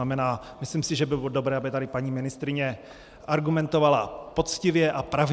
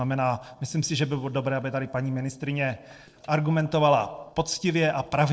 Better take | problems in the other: first | noise reduction (neural separator model SepFormer DNS4)

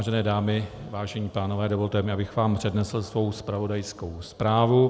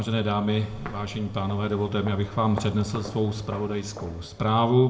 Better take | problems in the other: first | background sound (Walk, footsteps); 16 dB below the speech // room echo; dies away in 0.5 s

